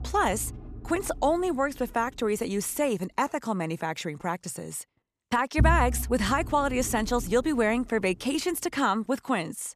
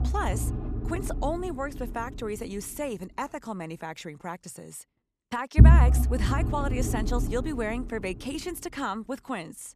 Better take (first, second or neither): first